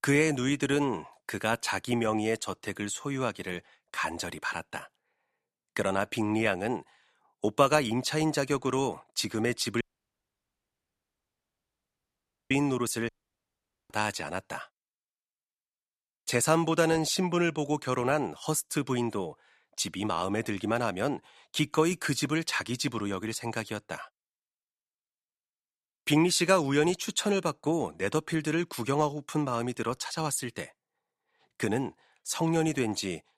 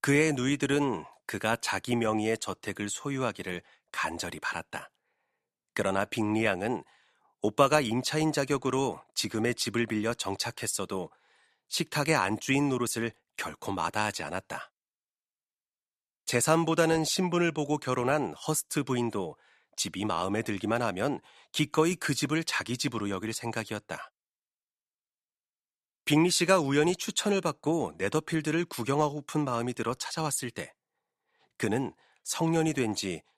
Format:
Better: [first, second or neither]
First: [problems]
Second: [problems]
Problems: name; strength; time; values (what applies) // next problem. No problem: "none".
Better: second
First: audio cutting out; at 10 s for 2.5 s and at 13 s for 1 s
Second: none